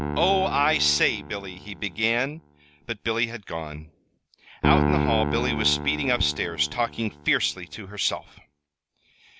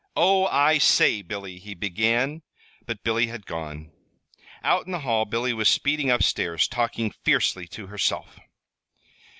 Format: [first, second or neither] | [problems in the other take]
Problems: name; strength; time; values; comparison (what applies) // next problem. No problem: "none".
second | background sound (Piano); 4 dB below the speech